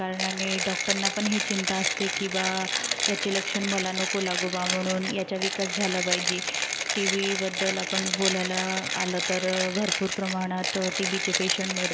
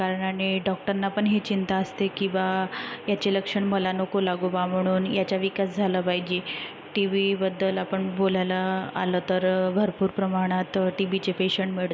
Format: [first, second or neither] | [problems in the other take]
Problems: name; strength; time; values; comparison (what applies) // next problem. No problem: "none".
second | background sound (Mechanisms); as loud as the speech